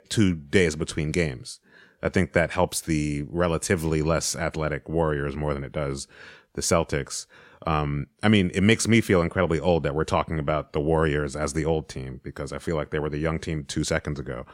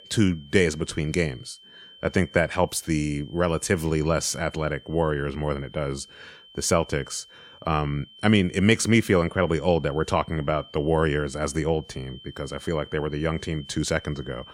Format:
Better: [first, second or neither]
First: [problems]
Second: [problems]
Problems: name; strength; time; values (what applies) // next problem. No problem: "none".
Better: first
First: none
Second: high-pitched whine; faint; throughout; 3 kHz, 20 dB below the speech